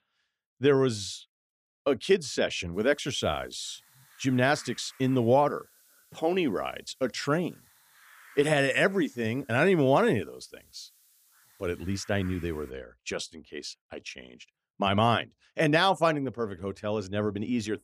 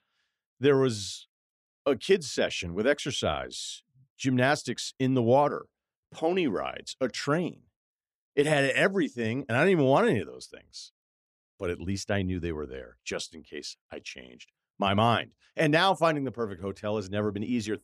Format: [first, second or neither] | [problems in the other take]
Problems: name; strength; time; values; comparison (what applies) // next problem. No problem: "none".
second | hiss; faint; from 2.5 to 13 s; 25 dB below the speech